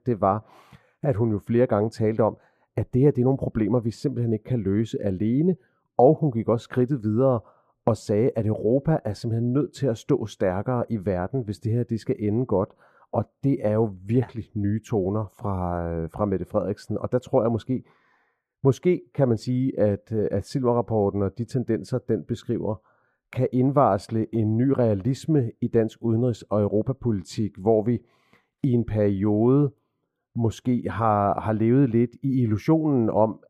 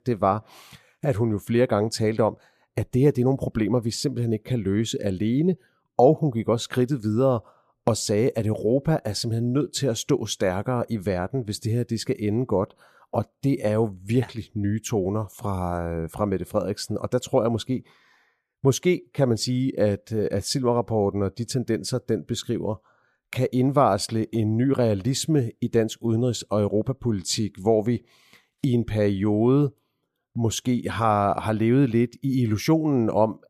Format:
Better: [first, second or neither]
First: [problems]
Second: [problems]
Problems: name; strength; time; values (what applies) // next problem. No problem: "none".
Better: second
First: muffled; slightly; fading above 2.5 kHz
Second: none